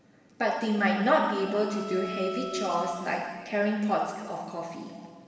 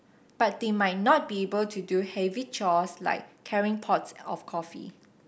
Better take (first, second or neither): second